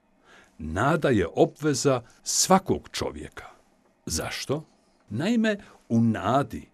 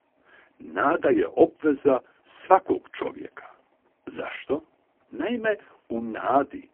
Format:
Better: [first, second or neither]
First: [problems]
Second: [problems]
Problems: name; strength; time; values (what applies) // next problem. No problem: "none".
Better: first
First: none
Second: phone-call audio; poor line; nothing above 3 kHz